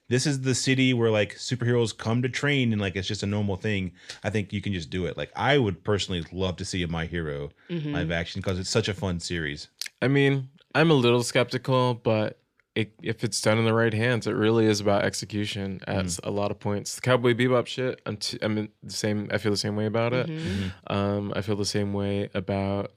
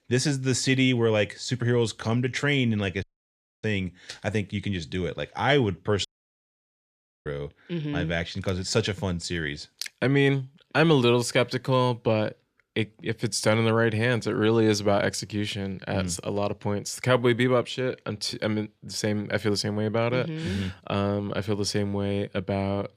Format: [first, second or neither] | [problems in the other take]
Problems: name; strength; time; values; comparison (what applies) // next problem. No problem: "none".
first | audio cutting out; at 3 s for 0.5 s and at 6 s for 1 s